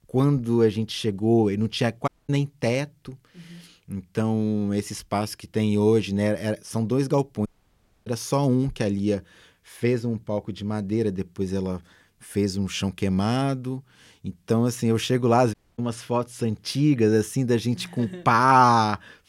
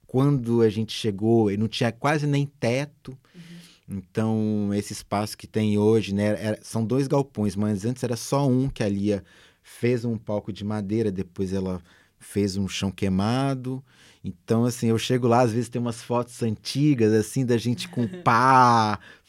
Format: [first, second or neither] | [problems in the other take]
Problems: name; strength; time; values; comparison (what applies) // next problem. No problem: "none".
second | audio cutting out; at 2 s, at 7.5 s for 0.5 s and at 16 s